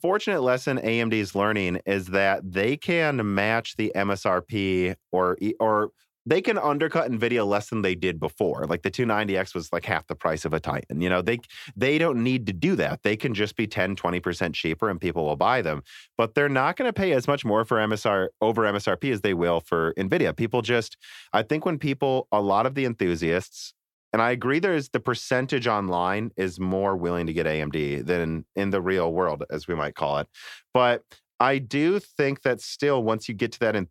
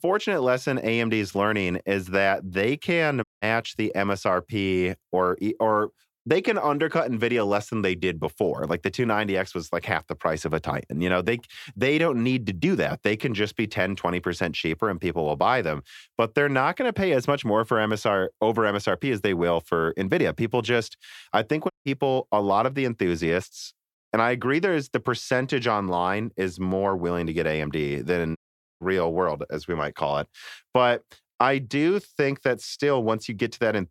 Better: first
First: none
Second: audio cutting out; at 3 s, at 22 s and at 28 s

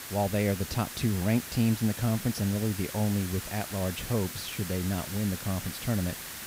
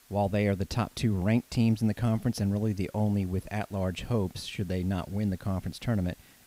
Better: second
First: hiss; loud; throughout; 8 dB below the speech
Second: hiss; faint; throughout; 25 dB below the speech

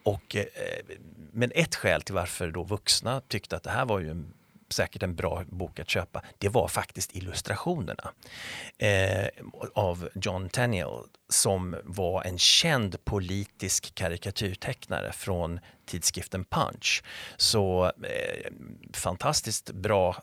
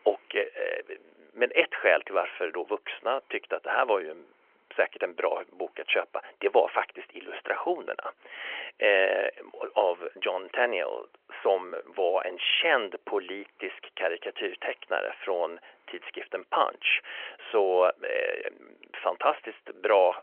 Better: first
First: none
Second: phone-call audio; nothing above 3 kHz

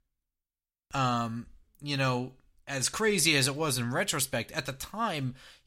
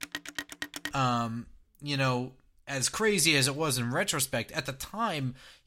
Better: first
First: none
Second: phone ringing; noticeable; at the start; peak 8 dB below the speech

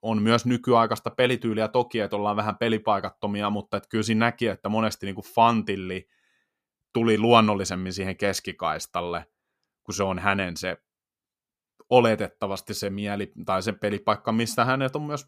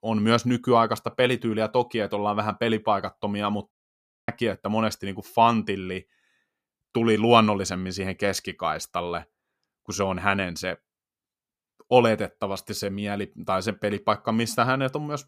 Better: first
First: none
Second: audio cutting out; at 3.5 s for 0.5 s

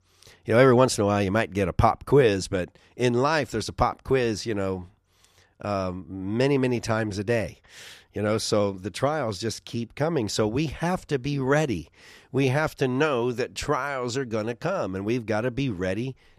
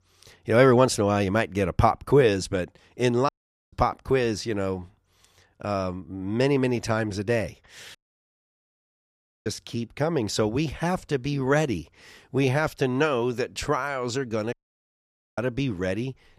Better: first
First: none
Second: audio cutting out; at 3.5 s, at 8 s for 1.5 s and at 15 s for 1 s

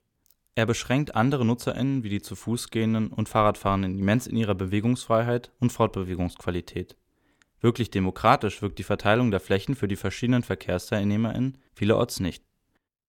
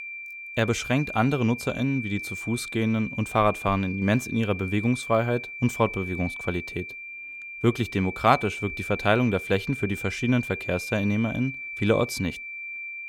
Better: first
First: none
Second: high-pitched whine; loud; throughout; 2.5 kHz, 8 dB below the speech

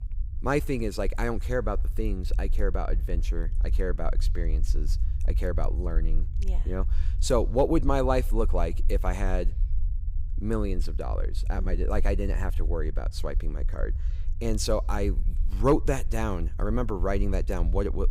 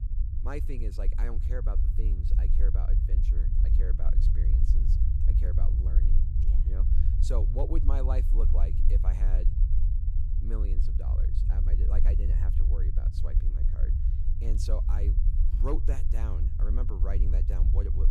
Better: first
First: low rumble; faint; throughout; 20 dB below the speech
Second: low rumble; loud; throughout; 4 dB below the speech

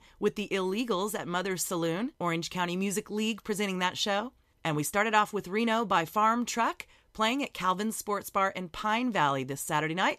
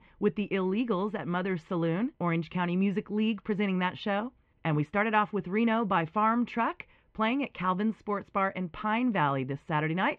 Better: first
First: none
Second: muffled; very; fading above 2.5 kHz

